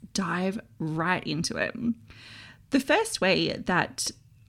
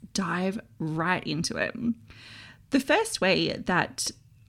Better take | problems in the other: neither | none

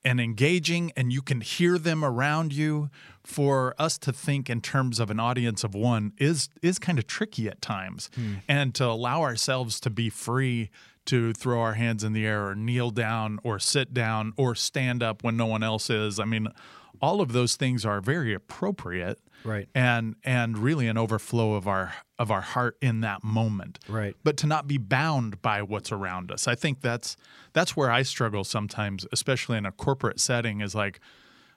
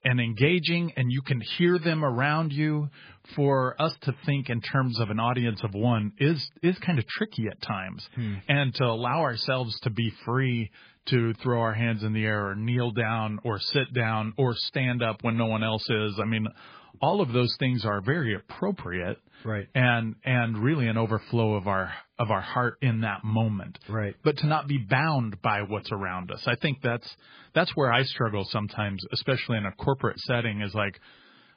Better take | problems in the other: first | garbled, watery; badly; nothing above 5 kHz

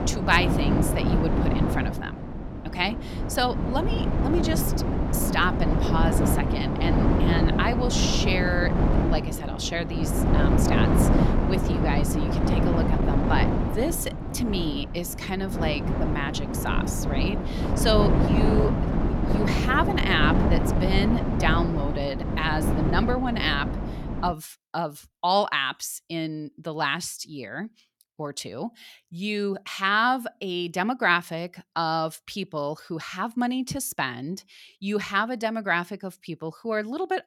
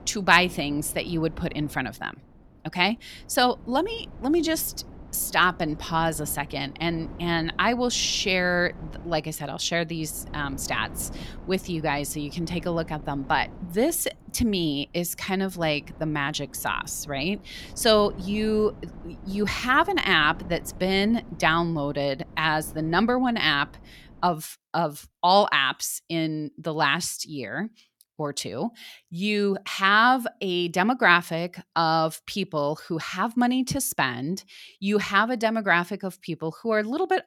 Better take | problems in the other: second | wind noise on the microphone; heavy; until 24 s; 3 dB below the speech; occasional gusts in the second

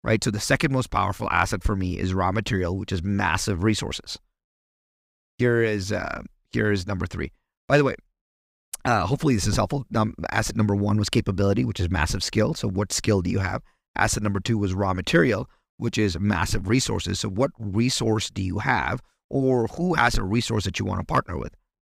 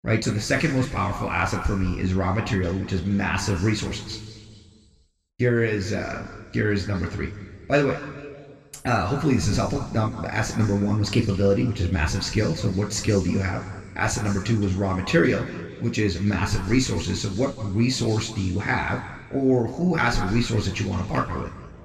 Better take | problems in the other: first | room echo; noticeable; dies away in 1.9 s // off-mic speech; somewhat distant

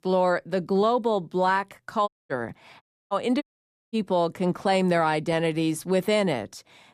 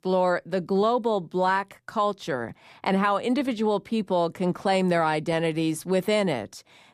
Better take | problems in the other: second | audio cutting out; at 2 s, at 3 s and at 3.5 s for 0.5 s

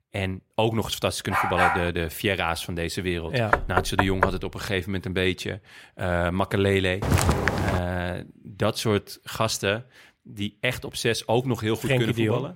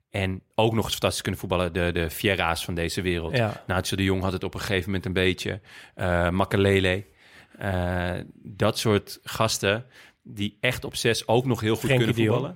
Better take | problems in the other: second | dog barking; loud; at 1.5 s; peak 4 dB above the speech // door banging; loud; at 3.5 s; peak 2 dB above the speech // footsteps; loud; at 7 s; peak 4 dB above the speech

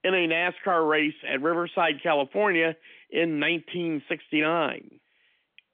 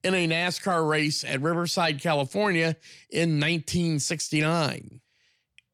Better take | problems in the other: second | phone-call audio; nothing above 3.5 kHz

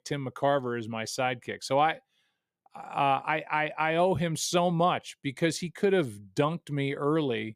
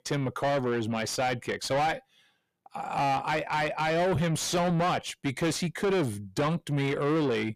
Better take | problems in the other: first | distortion; heavy; 6 dB below the speech

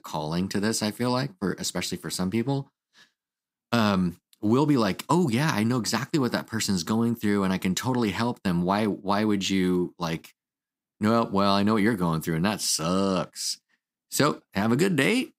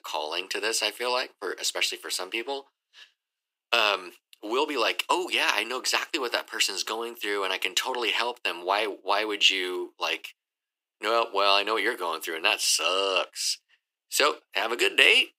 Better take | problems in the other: first | thin; very; fading below 400 Hz

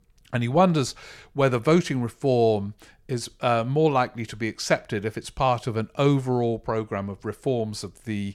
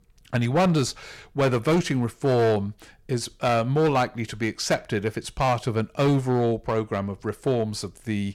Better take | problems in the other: first | distortion; slight; 7% of the sound clipped

